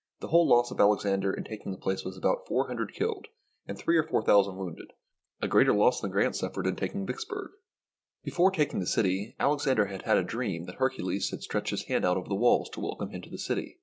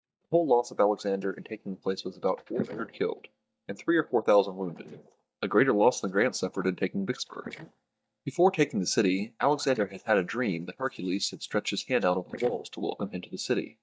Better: first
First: none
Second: noise reduction (neural mask model DeepFilterNet 3)

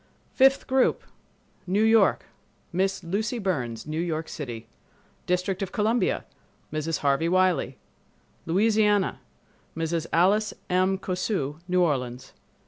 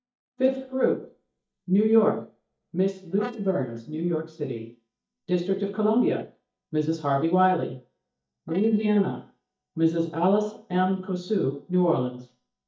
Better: first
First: none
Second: noise reduction (neural mask model DeepFilterNet 3)

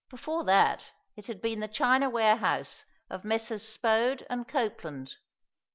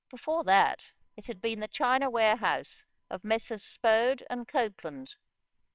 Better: first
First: none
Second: noise reduction (neural separator model SepFormer WHAMR!)

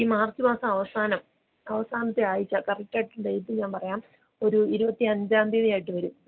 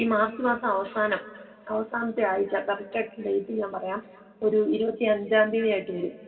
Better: first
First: none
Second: room echo; dies away in 2.6 s

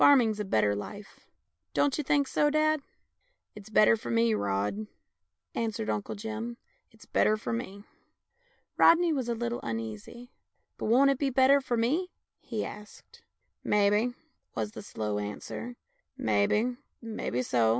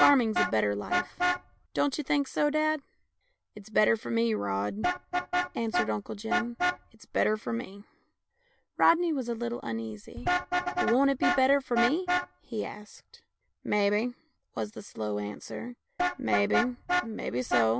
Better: first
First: none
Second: background sound (Vehicle horn, car horn, honking); 4 dB below the speech

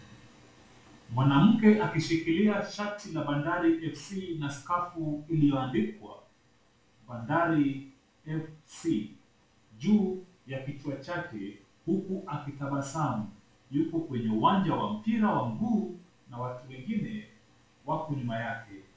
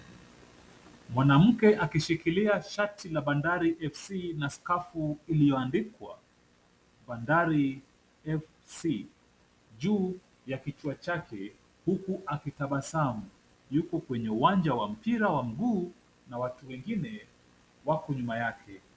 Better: second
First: room echo; dies away in 0.3 s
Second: none

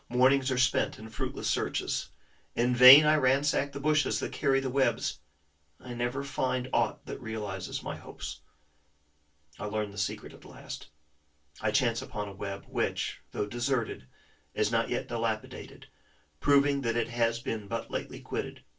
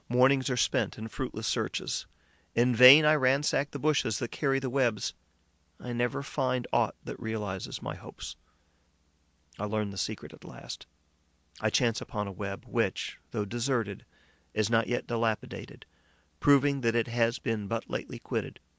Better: second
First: room echo; dies away in 0.2 s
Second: none

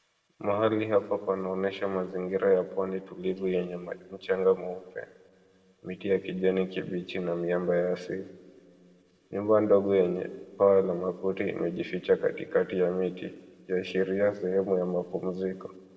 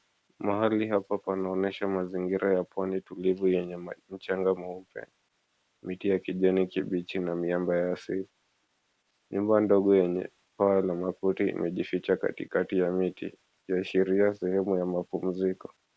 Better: second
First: room echo; dies away in 1.3 s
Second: none

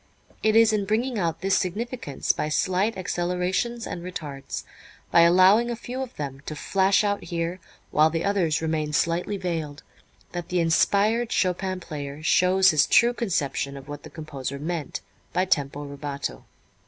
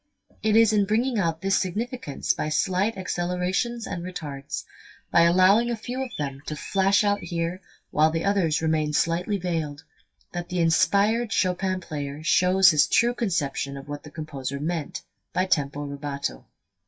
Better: first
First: none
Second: noise reduction (classical method WPE with log-MMSE)

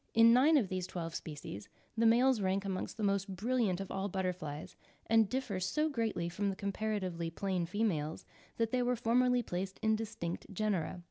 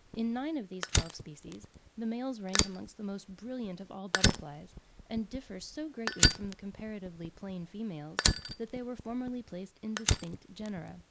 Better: first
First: none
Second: background sound (Fire); 4 dB above the speech

